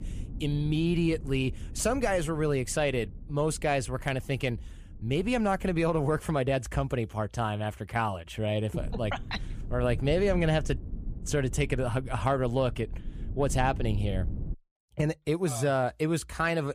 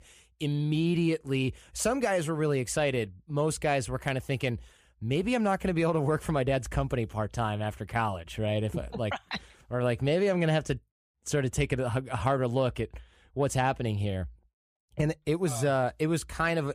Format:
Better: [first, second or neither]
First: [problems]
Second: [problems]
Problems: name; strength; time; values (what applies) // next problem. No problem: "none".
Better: second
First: low rumble; faint; until 6 s and from 9 to 15 s; 20 dB below the speech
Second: none